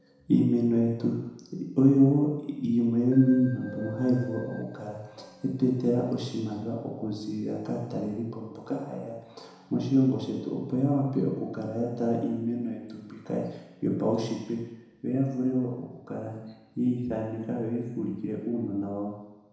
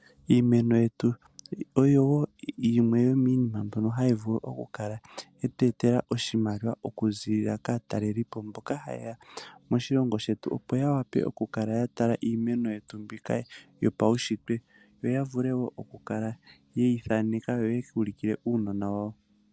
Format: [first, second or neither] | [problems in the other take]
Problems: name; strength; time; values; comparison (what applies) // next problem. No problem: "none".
second | background sound (Keyboard (musical)); 16 dB below the speech // room echo; dies away in 1 s